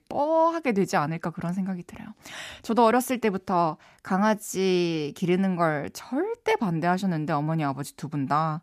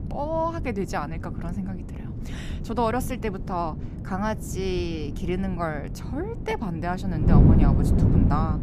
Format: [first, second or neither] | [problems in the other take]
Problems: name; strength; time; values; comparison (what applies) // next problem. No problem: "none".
first | wind noise on the microphone; heavy; 6 dB below the speech